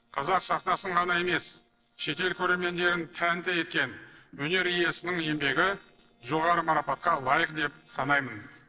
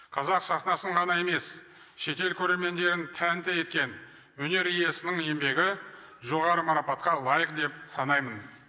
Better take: second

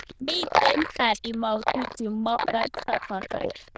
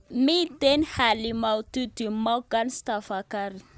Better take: second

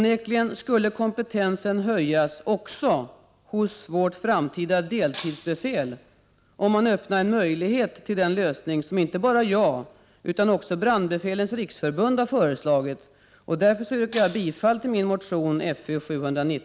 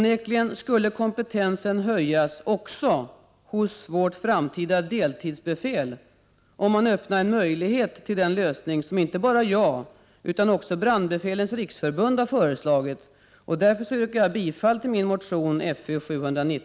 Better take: second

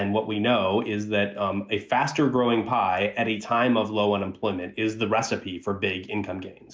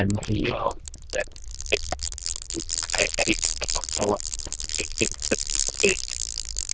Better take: first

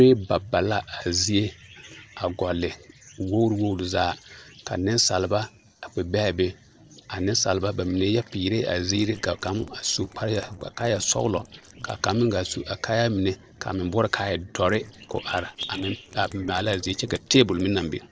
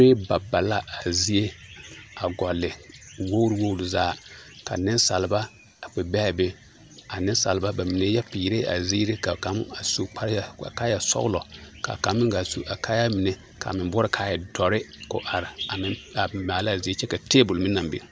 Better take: second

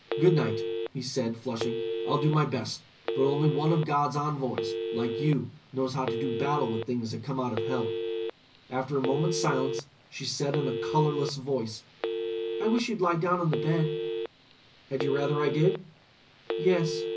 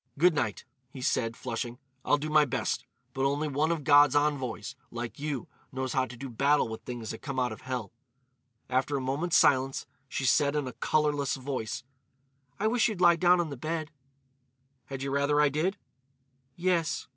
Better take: second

